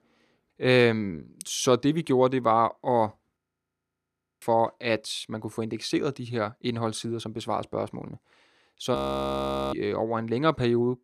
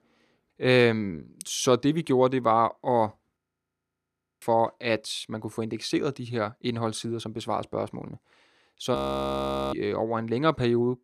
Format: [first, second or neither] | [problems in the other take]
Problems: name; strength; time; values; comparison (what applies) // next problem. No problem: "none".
neither | audio freezing; at 3.5 s for 1 s and at 9 s for 1 s; the same in both